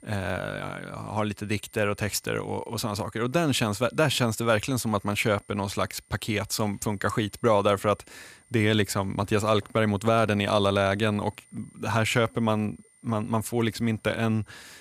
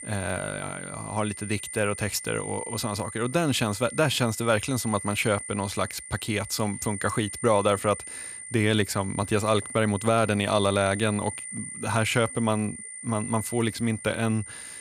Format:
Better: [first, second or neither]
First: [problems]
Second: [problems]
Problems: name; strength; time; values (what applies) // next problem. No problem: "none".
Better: first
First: high-pitched whine; faint; throughout; 9 kHz, 30 dB below the speech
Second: high-pitched whine; loud; throughout; 9 kHz, 10 dB below the speech